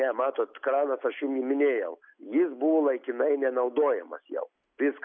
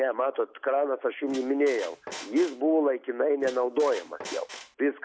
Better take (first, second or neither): first